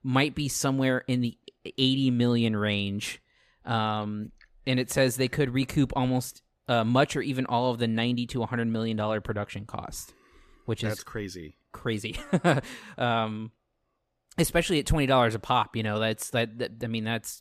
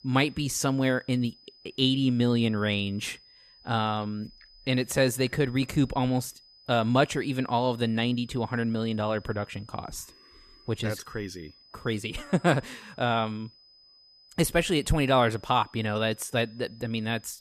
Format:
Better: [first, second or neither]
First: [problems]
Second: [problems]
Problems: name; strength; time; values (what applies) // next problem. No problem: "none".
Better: first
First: none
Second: high-pitched whine; faint; throughout; 5 kHz, 25 dB below the speech